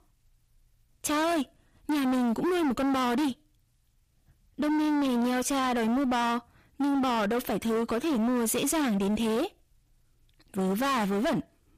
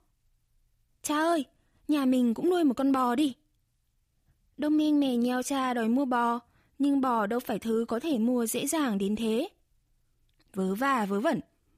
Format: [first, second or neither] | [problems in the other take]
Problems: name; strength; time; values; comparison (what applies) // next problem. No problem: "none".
second | distortion; heavy; 29% of the sound clipped